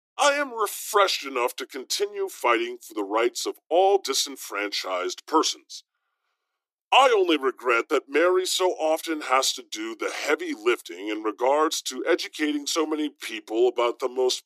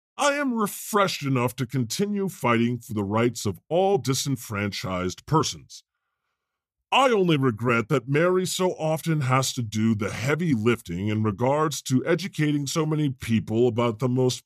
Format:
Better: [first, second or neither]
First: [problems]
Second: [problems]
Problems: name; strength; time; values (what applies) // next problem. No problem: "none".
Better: second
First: thin; very; fading below 300 Hz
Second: none